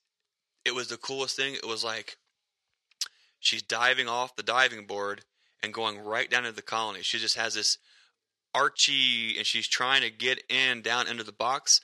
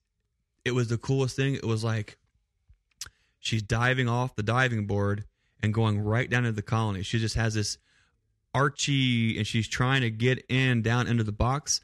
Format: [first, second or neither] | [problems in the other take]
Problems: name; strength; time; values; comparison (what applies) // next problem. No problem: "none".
second | thin; very; fading below 650 Hz